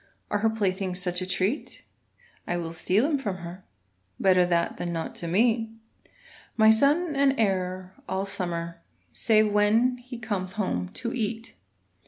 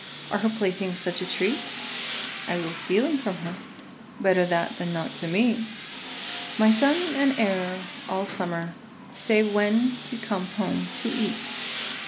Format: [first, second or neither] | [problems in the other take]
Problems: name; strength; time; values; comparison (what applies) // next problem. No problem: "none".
first | background sound (Tools); 10 dB below the speech